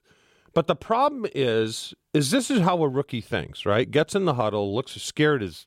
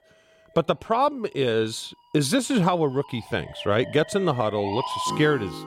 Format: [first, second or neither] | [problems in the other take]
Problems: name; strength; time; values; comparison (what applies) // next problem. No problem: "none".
first | background music; loud; throughout; 10 dB below the speech